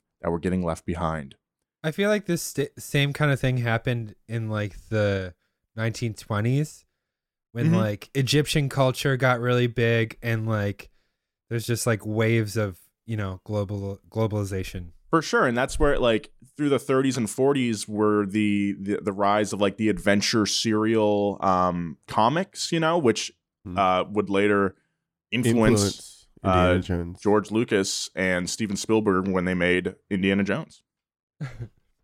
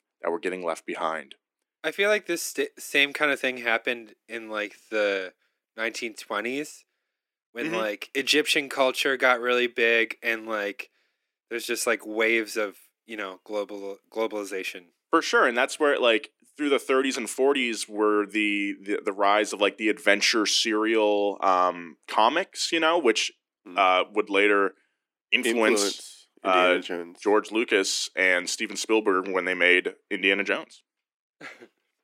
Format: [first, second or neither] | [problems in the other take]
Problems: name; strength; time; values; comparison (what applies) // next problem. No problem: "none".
first | thin; somewhat; fading below 300 Hz